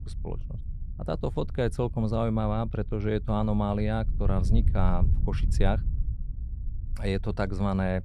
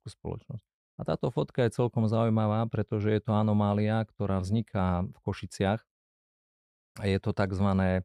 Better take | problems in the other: second | wind noise on the microphone; occasional gusts; 20 dB below the speech

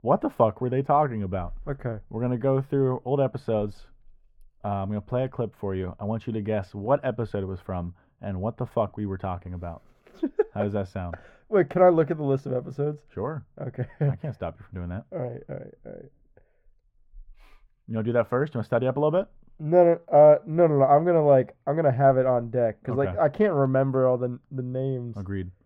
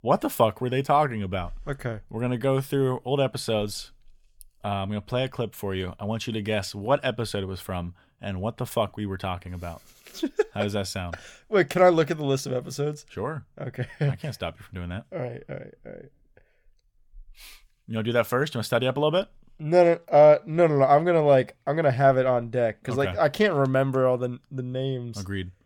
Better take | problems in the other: second | muffled; very; fading above 2.5 kHz

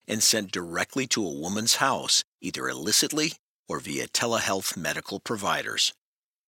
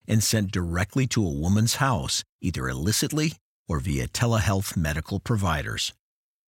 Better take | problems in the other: second | thin; somewhat; fading below 350 Hz

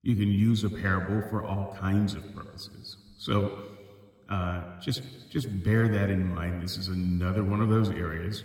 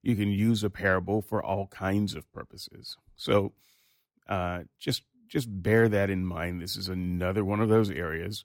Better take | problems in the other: second | room echo; slight; dies away in 2.2 s

